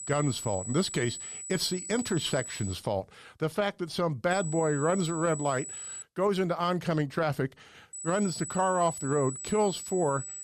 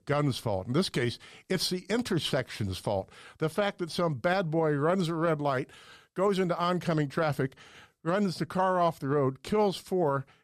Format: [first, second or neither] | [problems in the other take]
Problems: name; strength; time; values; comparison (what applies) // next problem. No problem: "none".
second | high-pitched whine; loud; until 2.5 s, from 4.5 to 6 s and from 8 s on; 8 kHz, 8 dB below the speech